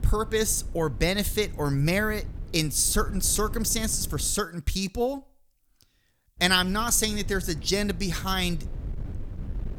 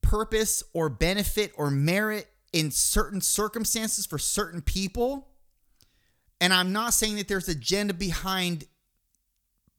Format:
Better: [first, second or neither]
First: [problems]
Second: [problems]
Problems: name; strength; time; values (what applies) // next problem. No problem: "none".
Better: second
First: wind noise on the microphone; occasional gusts; until 4.5 s and from 6.5 s on; 25 dB below the speech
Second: none